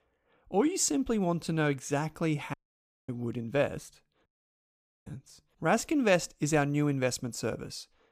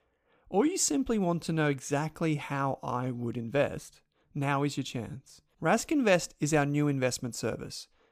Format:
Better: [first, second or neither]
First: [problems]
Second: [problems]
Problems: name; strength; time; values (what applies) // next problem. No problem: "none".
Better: second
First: audio cutting out; at 2.5 s for 0.5 s and at 4.5 s for 1 s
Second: none